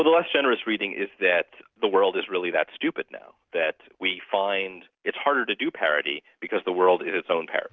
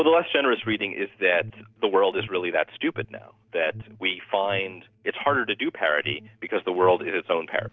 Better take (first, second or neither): first